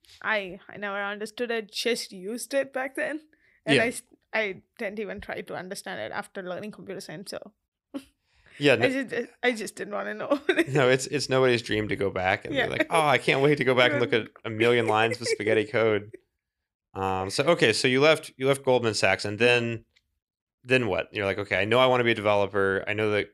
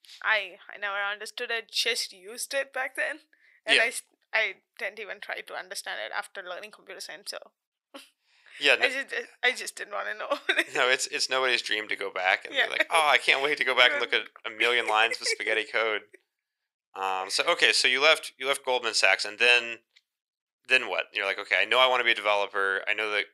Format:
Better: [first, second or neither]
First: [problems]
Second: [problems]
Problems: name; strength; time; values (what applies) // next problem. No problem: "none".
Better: first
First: none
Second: thin; very; fading below 750 Hz